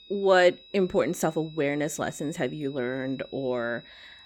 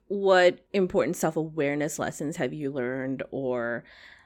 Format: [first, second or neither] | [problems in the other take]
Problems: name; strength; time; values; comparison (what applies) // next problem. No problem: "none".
second | high-pitched whine; faint; throughout; 4 kHz, 20 dB below the speech